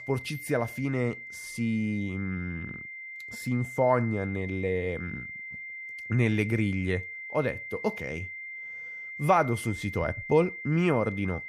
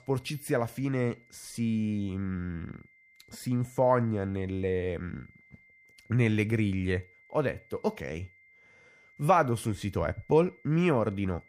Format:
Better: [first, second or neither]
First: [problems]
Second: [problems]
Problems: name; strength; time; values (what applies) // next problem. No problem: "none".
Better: second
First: high-pitched whine; loud; throughout; 2 kHz, 9 dB below the speech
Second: high-pitched whine; faint; throughout; 2 kHz, 30 dB below the speech